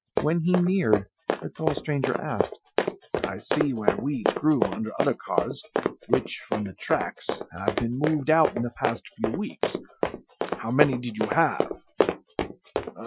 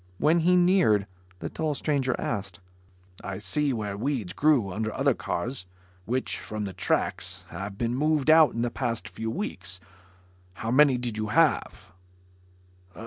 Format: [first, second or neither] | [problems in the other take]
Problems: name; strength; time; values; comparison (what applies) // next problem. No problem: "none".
second | noise reduction (classical method Wiener filter)